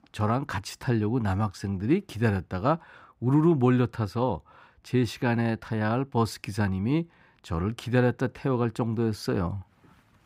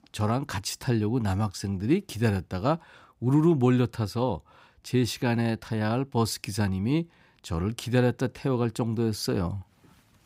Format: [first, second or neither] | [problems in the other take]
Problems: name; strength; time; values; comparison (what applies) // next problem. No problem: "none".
second | muffled; very slightly; fading above 3.5 kHz